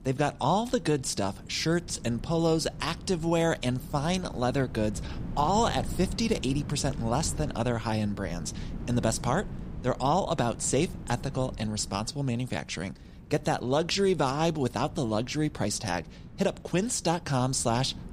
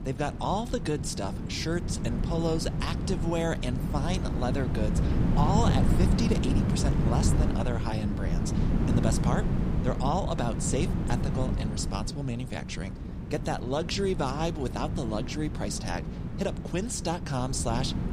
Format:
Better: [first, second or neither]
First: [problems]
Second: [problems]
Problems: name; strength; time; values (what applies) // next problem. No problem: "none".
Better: first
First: wind noise on the microphone; occasional gusts; 20 dB below the speech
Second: wind noise on the microphone; heavy; 5 dB below the speech